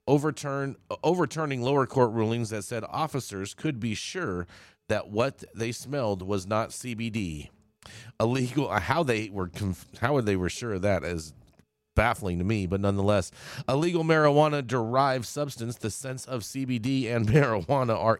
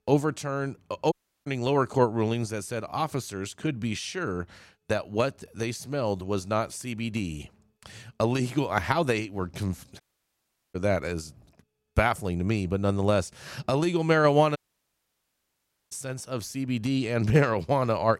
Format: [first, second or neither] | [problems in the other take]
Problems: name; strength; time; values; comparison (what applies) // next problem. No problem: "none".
first | audio cutting out; at 1 s, at 10 s for 0.5 s and at 15 s for 1.5 s